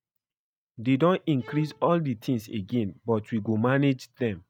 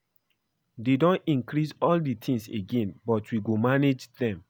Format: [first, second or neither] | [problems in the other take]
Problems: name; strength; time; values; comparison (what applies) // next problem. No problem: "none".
second | noise reduction (neural mask model RNNoise)